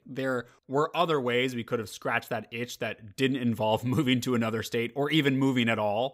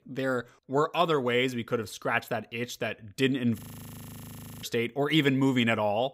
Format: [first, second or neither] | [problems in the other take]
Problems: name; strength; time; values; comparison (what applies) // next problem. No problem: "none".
first | audio freezing; at 3.5 s for 1 s